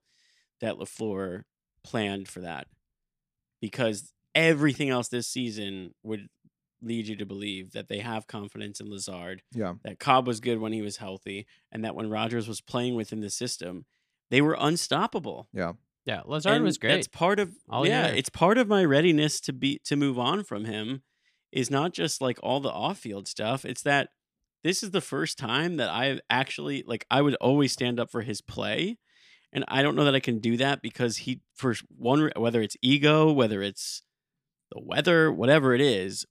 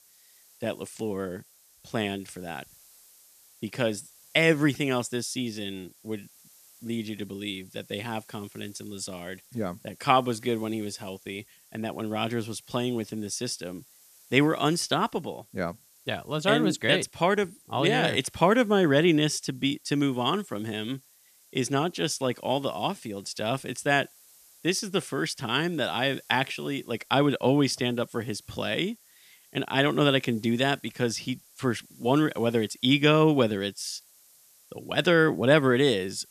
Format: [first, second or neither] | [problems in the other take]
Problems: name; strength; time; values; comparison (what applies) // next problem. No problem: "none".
first | hiss; faint; throughout; 25 dB below the speech